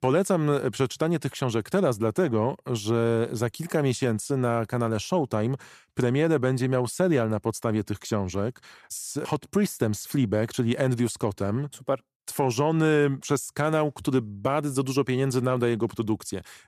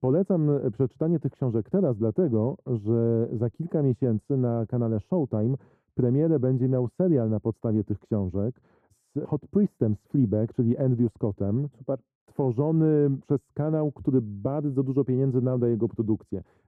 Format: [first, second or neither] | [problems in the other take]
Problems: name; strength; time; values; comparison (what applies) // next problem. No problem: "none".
first | muffled; very; fading above 1.5 kHz